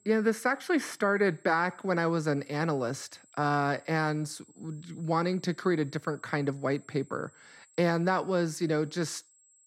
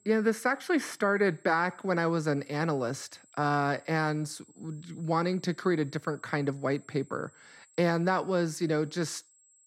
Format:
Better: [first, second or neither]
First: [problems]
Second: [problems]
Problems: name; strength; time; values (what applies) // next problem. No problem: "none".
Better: neither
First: high-pitched whine; faint; throughout; 7.5 kHz, 30 dB below the speech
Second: high-pitched whine; faint; throughout; 7.5 kHz, 30 dB below the speech